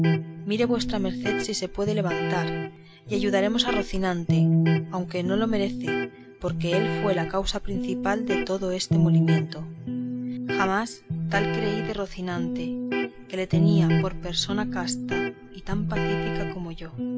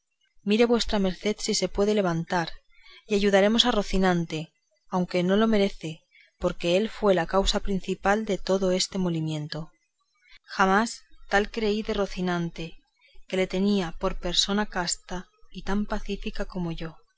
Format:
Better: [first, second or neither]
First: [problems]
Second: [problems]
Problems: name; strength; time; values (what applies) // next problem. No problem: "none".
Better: second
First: background sound (Electric guitar); 2 dB above the speech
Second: none